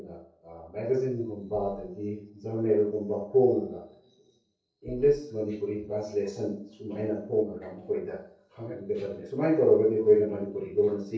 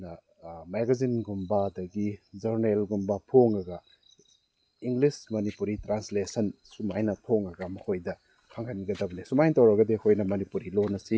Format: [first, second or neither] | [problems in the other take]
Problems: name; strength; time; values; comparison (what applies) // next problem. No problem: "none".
second | noise reduction (neural separator model SepFormer DNS4)